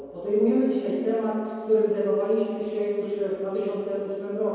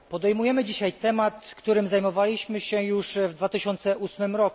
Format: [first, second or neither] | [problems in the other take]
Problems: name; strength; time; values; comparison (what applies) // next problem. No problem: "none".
second | room echo; dies away in 2.2 s